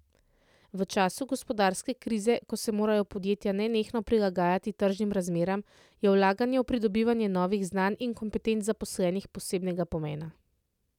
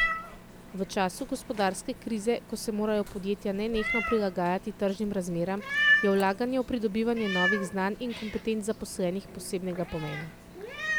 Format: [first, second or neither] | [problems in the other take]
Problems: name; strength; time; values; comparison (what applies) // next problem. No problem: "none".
first | background sound (Meow); 4 dB below the speech